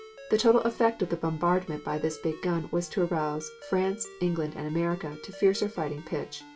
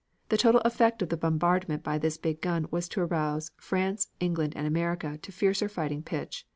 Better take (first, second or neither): second